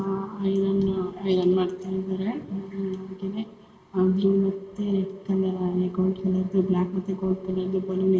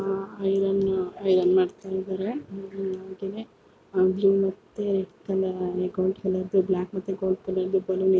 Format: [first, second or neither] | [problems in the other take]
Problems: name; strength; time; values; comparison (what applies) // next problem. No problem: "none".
second | room echo; dies away in 2.1 s